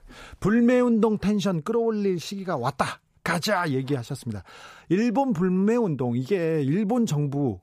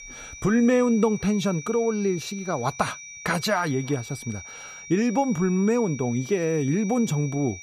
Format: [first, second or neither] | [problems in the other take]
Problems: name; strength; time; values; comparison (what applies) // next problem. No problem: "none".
first | high-pitched whine; noticeable; throughout; 2.5 kHz, 15 dB below the speech